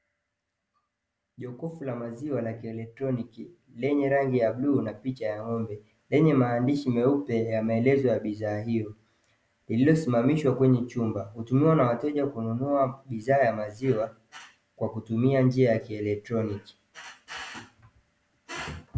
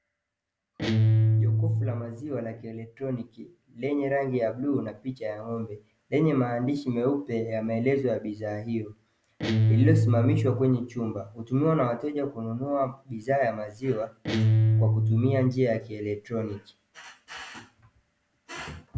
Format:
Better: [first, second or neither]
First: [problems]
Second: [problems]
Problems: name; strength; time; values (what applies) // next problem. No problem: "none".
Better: first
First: none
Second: background sound (Guitar); 3 dB above the speech